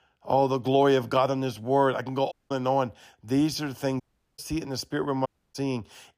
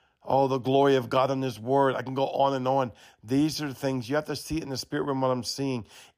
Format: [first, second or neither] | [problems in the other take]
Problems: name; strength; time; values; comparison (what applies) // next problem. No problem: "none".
second | audio cutting out; at 2.5 s, at 4 s and at 5.5 s